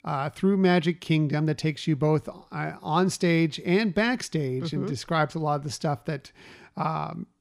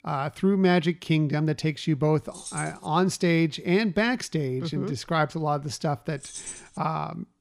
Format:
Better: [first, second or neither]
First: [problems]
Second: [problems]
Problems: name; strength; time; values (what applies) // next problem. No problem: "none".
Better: first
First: none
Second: jangling keys; faint; at 2.5 s and at 6 s; peak 10 dB below the speech